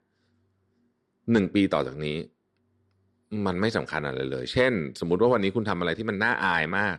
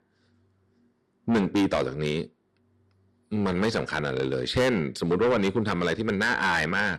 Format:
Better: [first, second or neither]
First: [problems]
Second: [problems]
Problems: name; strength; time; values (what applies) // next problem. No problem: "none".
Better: first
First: none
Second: distortion; heavy; 7 dB below the speech